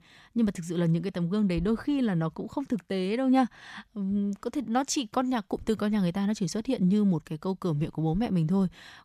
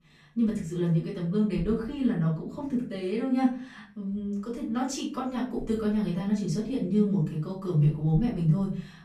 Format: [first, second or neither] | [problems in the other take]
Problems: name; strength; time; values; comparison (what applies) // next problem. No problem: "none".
first | off-mic speech; far // room echo; slight; dies away in 0.5 s